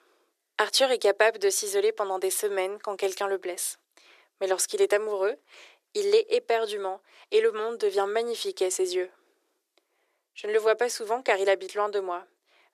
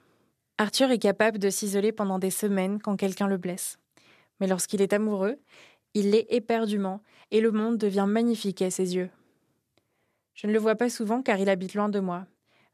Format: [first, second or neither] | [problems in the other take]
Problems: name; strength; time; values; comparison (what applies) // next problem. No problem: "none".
second | thin; very; fading below 350 Hz